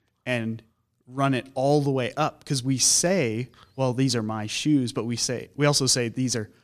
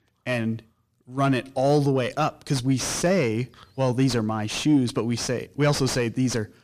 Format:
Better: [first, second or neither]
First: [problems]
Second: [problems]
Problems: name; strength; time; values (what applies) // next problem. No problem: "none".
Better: first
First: none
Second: distortion; heavy; 7 dB below the speech